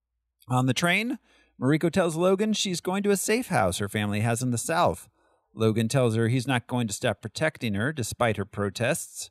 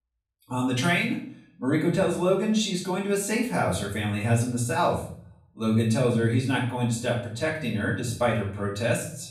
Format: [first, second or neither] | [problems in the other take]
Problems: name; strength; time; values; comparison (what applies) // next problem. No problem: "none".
first | off-mic speech; far // room echo; noticeable; dies away in 0.6 s